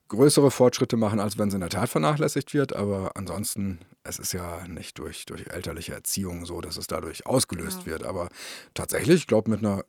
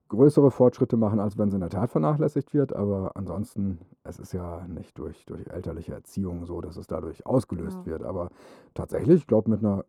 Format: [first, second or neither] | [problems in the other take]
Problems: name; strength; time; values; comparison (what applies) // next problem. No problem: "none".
first | muffled; very; fading above 1 kHz